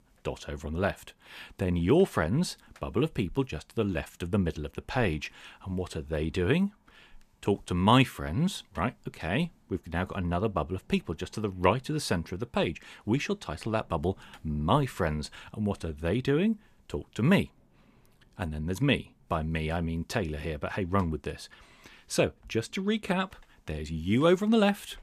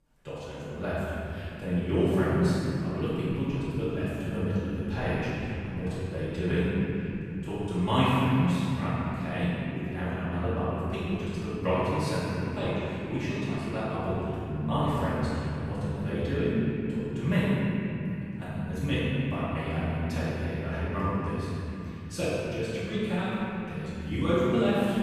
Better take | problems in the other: first | room echo; strong; dies away in 3 s // off-mic speech; far

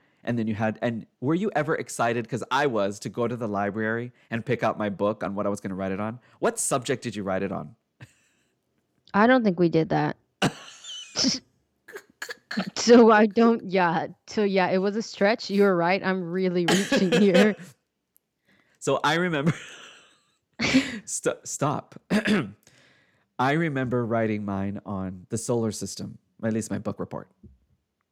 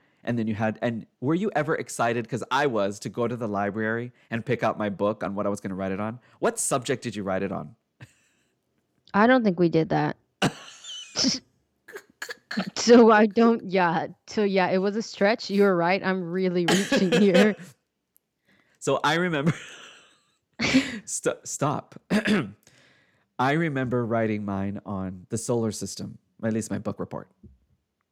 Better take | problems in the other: neither | none

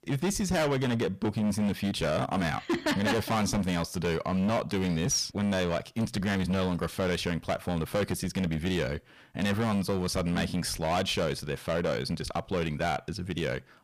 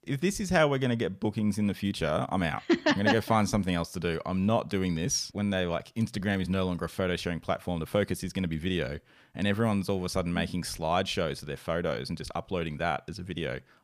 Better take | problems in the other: second | distortion; heavy; 17% of the sound clipped

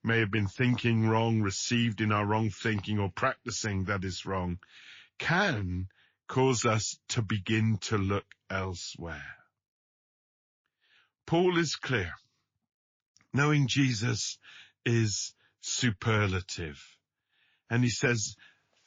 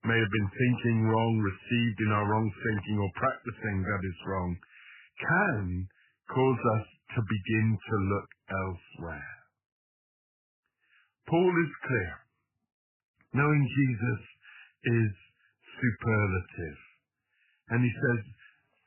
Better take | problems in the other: first | garbled, watery; badly; nothing above 3 kHz; slightly in the first

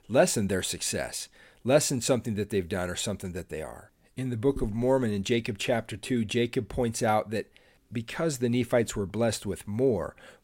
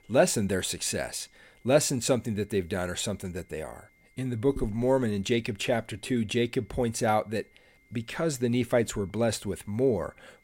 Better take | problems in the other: first | high-pitched whine; faint; throughout; 2 kHz, 35 dB below the speech

